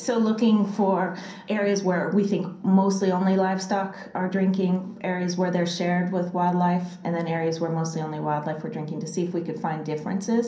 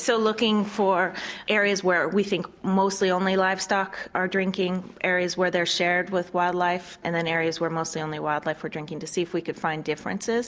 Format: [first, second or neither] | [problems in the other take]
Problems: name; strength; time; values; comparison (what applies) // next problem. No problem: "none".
second | room echo; dies away in 0.6 s